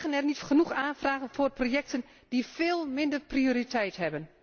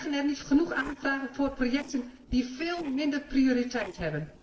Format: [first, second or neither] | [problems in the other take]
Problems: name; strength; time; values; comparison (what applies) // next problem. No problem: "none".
first | noise reduction (neural separator model SepFormer DNS4)